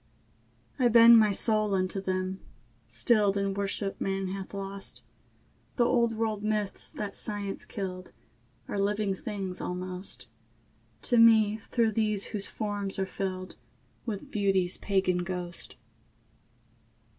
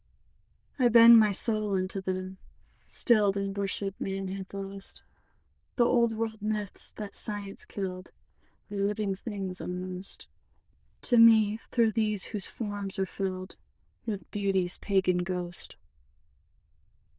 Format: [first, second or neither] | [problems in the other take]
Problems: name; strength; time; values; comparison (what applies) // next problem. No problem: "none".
first | noise reduction (neural diffusion model UNIVERSE++)